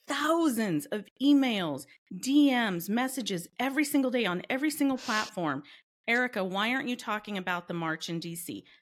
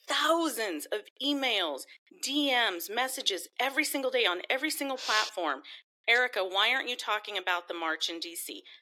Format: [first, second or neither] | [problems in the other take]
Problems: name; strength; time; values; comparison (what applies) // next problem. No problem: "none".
first | thin; somewhat; fading below 350 Hz